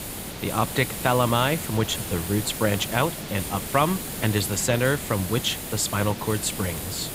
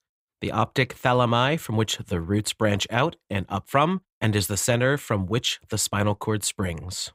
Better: second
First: hiss; loud; throughout; 6 dB below the speech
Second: none

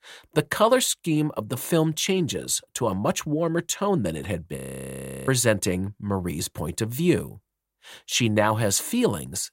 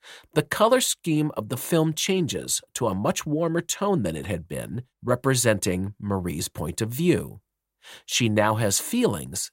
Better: second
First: audio freezing; at 4.5 s for 0.5 s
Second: none

